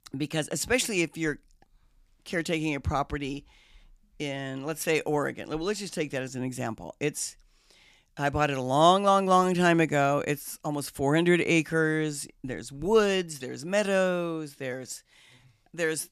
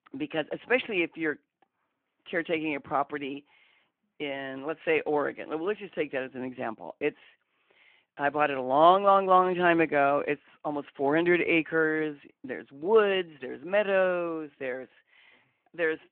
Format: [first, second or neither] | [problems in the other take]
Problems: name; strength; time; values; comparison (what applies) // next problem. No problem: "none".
first | phone-call audio